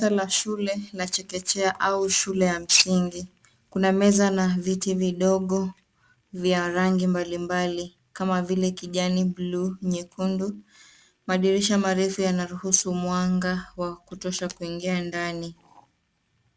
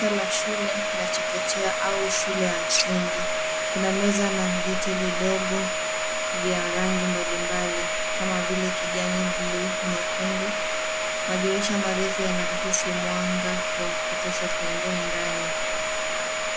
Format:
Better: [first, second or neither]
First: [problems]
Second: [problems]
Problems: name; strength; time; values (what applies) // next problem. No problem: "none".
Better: first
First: none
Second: background sound (Domestic sounds, home sounds); 3 dB above the speech